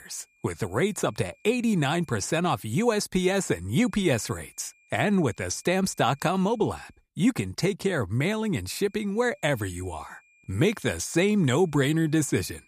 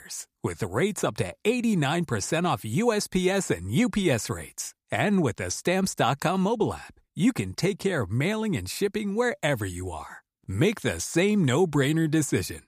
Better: second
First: high-pitched whine; faint; until 2 s, from 4 to 7 s and from 9 s on; 2.5 kHz, 35 dB below the speech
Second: none

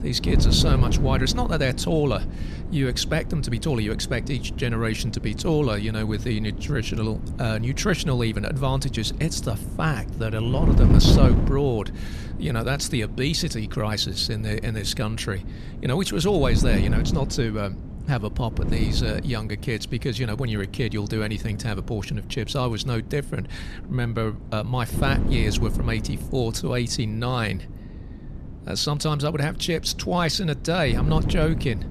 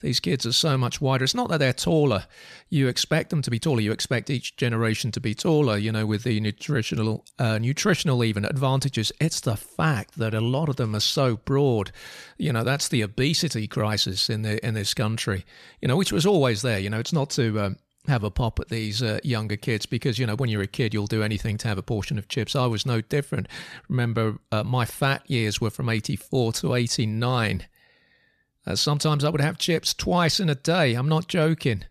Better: second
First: wind noise on the microphone; heavy; 10 dB below the speech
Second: none

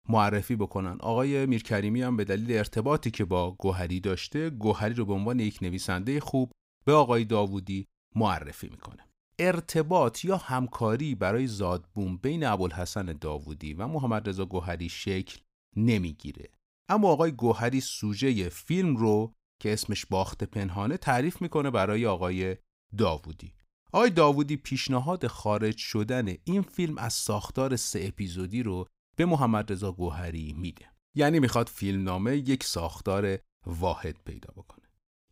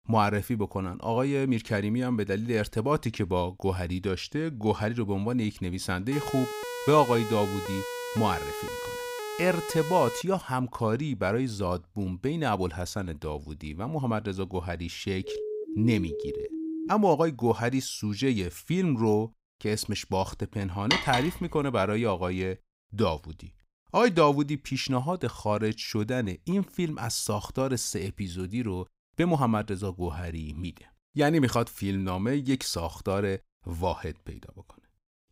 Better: first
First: none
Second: siren; noticeable; from 6 to 10 s and from 15 to 17 s; peak 6 dB below the speech // clattering dishes; loud; at 21 s; peak 2 dB above the speech

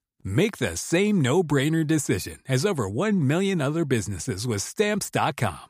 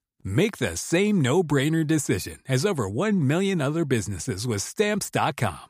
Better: neither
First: none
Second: none

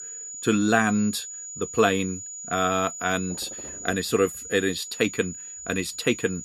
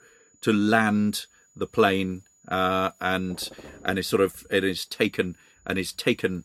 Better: second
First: high-pitched whine; loud; throughout; 7 kHz, 9 dB below the speech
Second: high-pitched whine; faint; throughout; 7 kHz, 35 dB below the speech

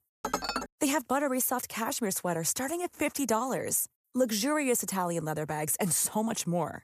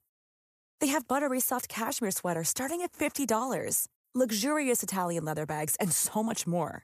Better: second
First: clattering dishes; noticeable; at the start; peak 3 dB below the speech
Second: none

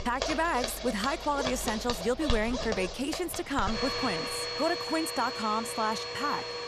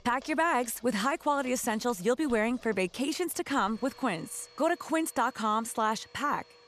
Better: second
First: household noises; loud; throughout; 3 dB below the speech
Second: household noises; faint; throughout; 25 dB below the speech

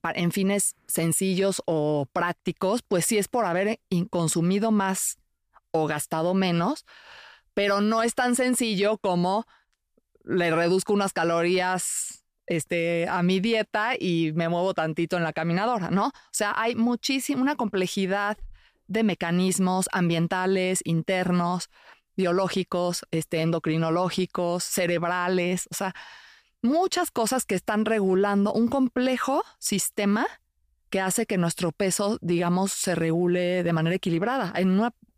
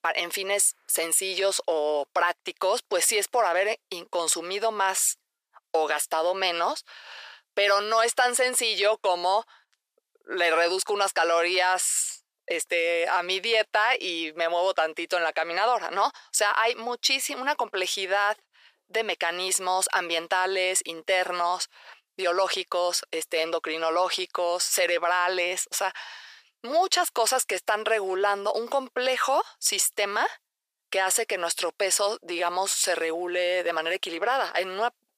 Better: first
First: none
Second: thin; very; fading below 450 Hz

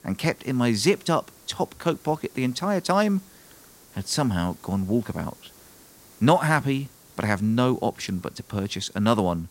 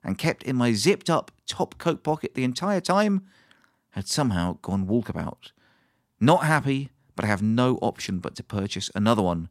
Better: second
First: hiss; faint; throughout; 25 dB below the speech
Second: none

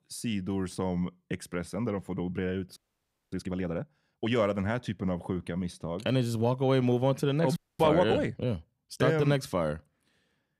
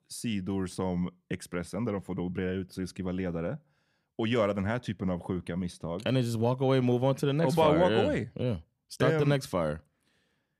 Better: second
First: audio freezing; at 3 s for 0.5 s and at 7.5 s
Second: none

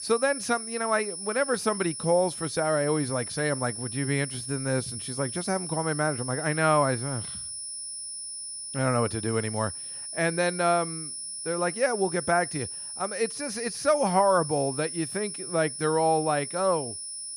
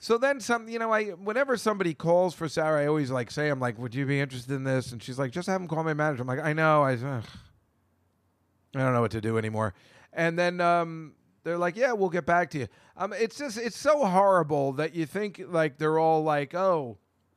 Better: second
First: high-pitched whine; loud; throughout; 10 kHz, 7 dB below the speech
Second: none

